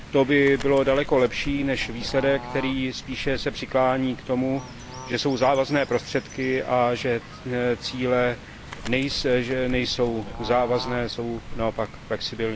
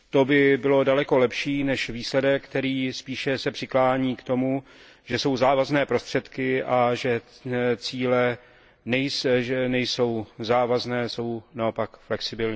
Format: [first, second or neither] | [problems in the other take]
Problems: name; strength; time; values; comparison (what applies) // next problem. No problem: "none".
second | background sound (Bird / Fowl); 12 dB below the speech